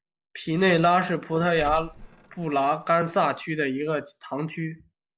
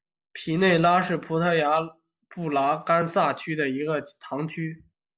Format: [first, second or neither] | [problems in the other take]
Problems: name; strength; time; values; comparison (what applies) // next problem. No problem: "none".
second | background sound (Mechanisms); 18 dB below the speech